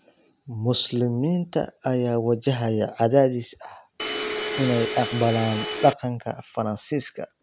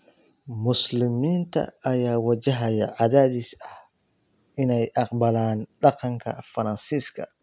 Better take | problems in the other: second | background sound (Domestic sounds, home sounds); 5 dB below the speech

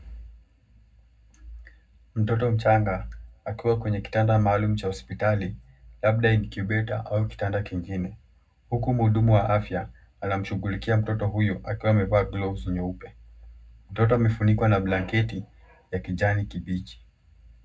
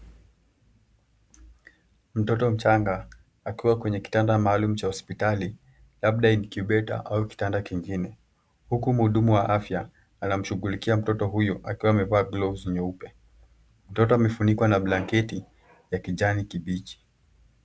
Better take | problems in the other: second | room echo; dies away in 0.3 s

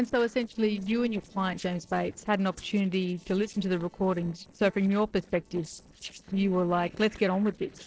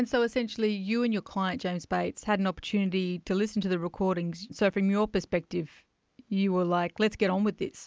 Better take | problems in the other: second | noise reduction (neural separator model SepFormer DNS4)

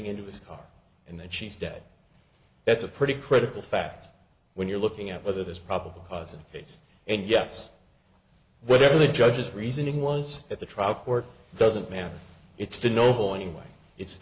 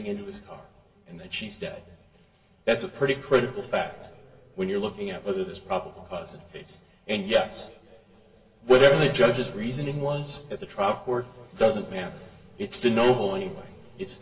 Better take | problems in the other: first | room echo; dies away in 2.7 s

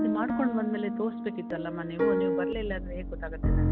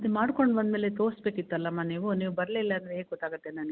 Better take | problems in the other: second | background sound (Piano); 4 dB above the speech

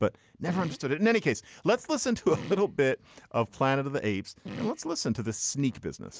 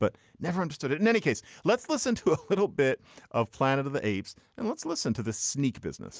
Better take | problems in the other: second | background sound (Fart); 17 dB below the speech

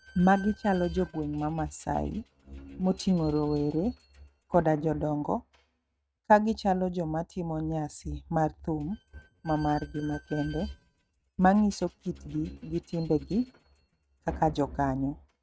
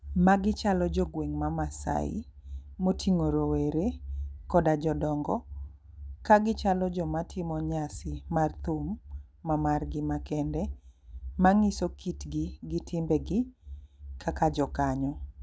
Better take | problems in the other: second | noise reduction (neural mask model RNNoise)

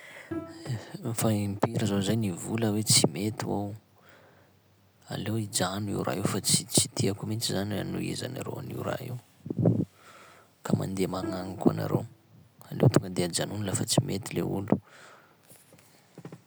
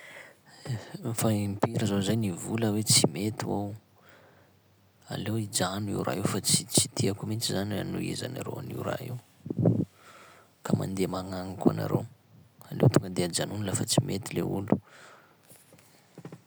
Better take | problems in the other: second | background sound (Bowed string instrument); 15 dB below the speech

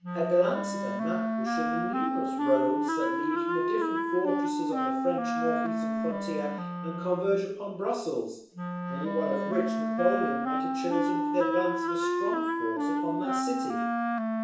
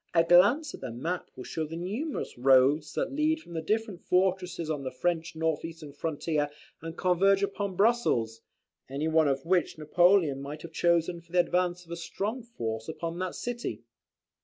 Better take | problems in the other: second | background sound (Wind instrument, woodwind instrument); 2 dB above the speech // room echo; dies away in 0.7 s

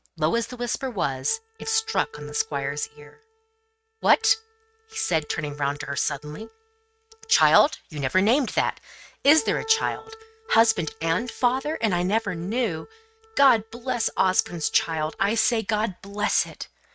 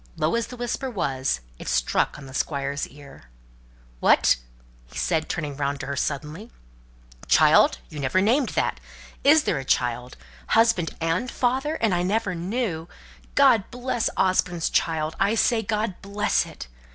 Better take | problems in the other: second | noise reduction (neural mask model RNNoise)

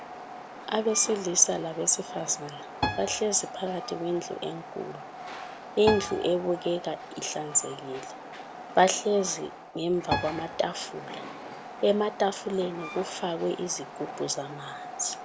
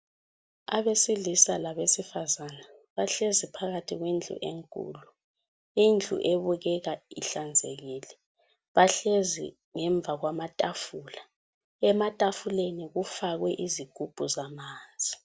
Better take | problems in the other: second | background sound (Piano + Train); 9 dB below the speech

